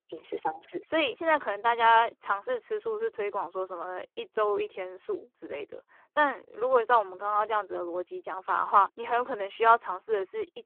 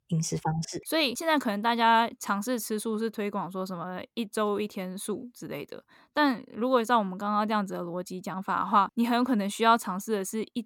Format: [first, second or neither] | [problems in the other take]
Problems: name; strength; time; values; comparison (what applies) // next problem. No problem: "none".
second | phone-call audio; poor line